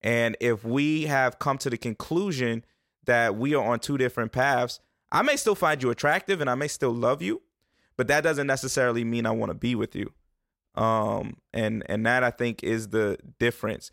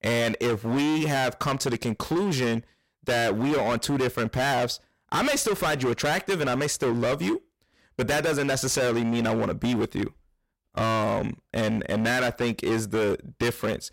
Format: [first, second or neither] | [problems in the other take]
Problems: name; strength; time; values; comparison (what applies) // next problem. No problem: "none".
first | distortion; heavy; 25% of the sound clipped